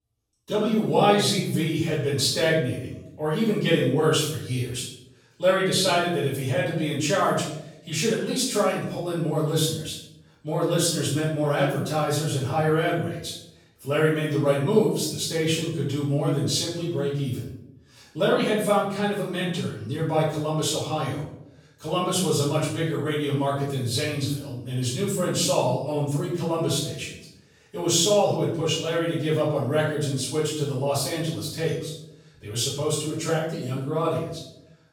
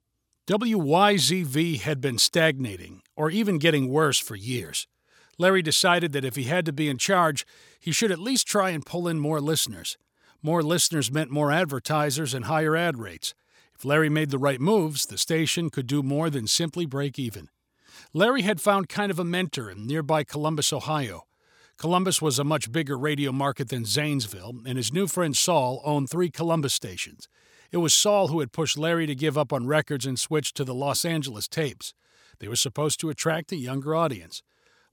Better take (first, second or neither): second